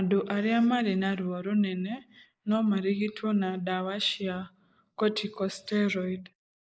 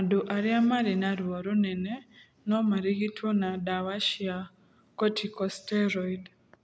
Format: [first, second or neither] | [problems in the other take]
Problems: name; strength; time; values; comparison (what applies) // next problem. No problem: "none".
second | noise reduction (neural mask model Resemble Enhance denoiser)